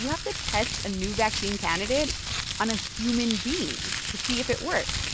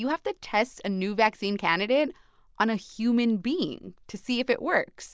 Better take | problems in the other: second | background sound (Crumpling, crinkling); 2 dB below the speech

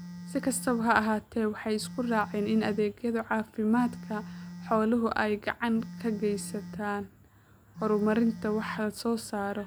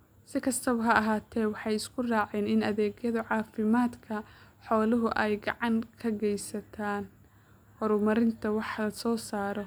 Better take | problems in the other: second | background sound (Telephone); 15 dB below the speech

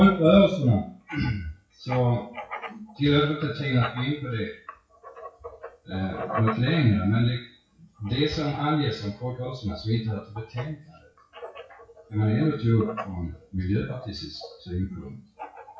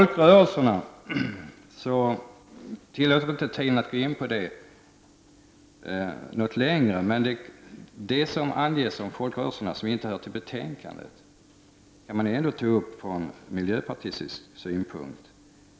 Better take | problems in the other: second | noise reduction (classical method WPE with log-MMSE)

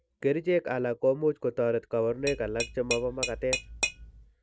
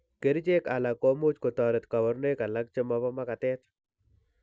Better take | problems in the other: second | background sound (Tap / Glass); 6 dB below the speech

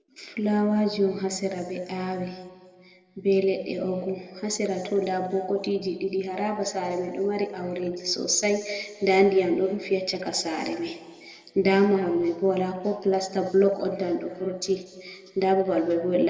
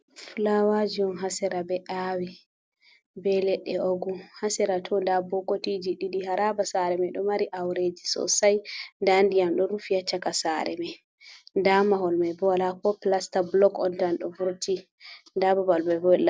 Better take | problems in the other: second | room echo; dies away in 1.7 s

